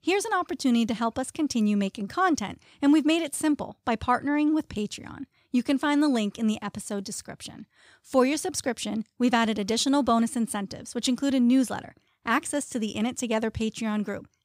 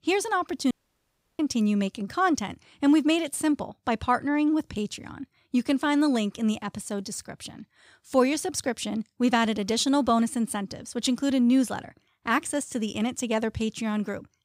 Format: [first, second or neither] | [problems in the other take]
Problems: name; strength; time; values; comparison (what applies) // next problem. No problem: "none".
first | audio cutting out; at 0.5 s for 0.5 s